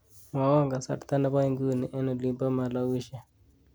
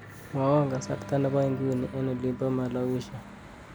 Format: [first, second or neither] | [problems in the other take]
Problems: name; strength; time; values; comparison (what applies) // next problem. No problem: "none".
first | background sound (Wind instrument, woodwind instrument + Church bell / Traffic noise, roadway noise); 13 dB below the speech